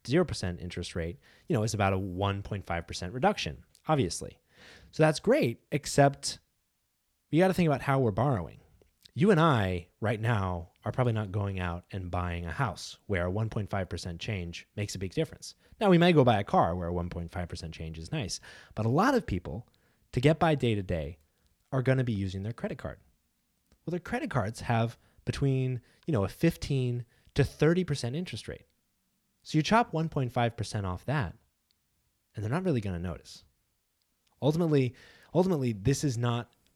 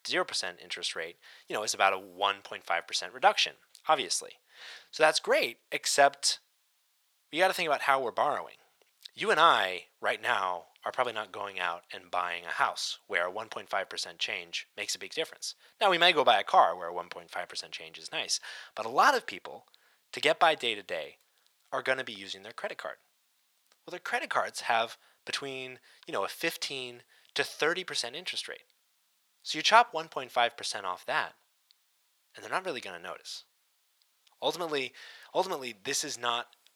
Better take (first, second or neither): first